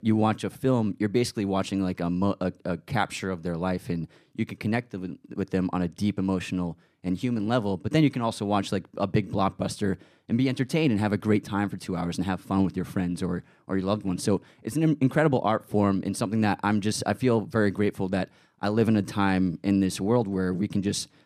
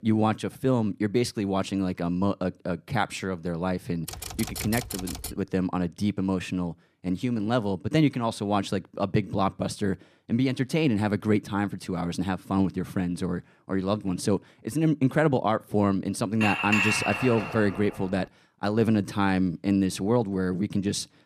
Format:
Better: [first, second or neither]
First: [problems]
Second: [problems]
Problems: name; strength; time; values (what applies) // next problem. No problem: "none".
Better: first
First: none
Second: keyboard typing; noticeable; from 4 to 5.5 s; peak 6 dB below the speech // clattering dishes; loud; from 16 to 18 s; peak 4 dB above the speech